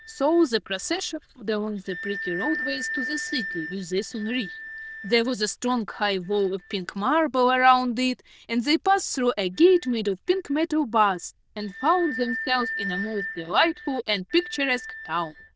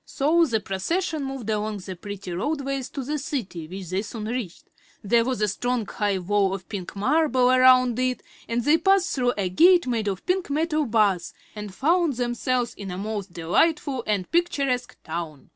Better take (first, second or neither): second